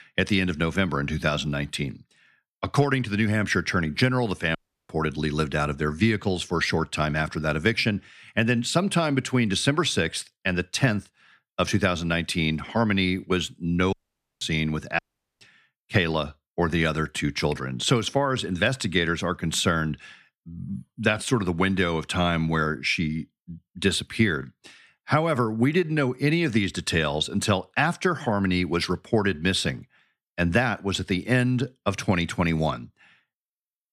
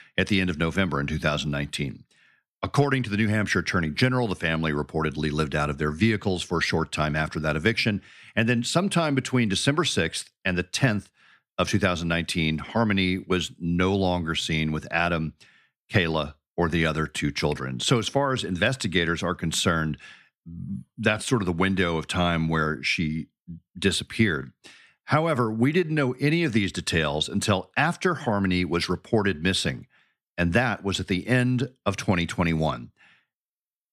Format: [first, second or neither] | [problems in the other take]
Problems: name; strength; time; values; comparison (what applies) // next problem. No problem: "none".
second | audio cutting out; at 4.5 s, at 14 s and at 15 s